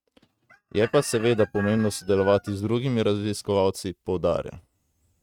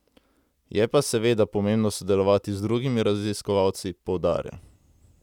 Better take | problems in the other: second | noise reduction (neural mask model RNNoise)

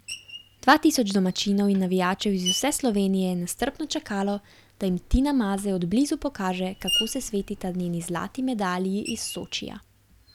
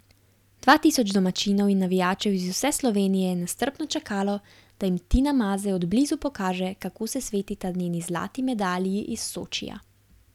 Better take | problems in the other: second | background sound (Screech); 13 dB below the speech

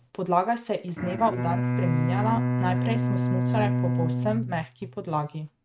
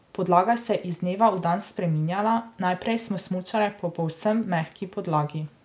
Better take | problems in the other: second | noise reduction (neural mask model RNNoise)

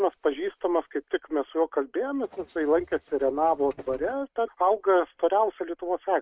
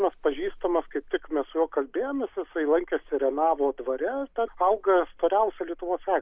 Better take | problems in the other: second | noise reduction (neural mask model RNNoise)

